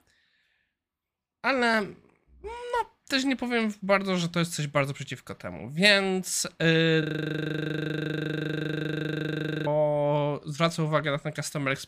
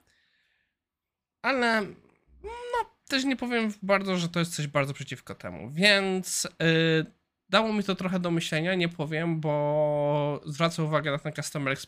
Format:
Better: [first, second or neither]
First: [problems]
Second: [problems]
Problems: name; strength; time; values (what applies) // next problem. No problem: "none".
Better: second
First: audio freezing; at 7 s for 2.5 s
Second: none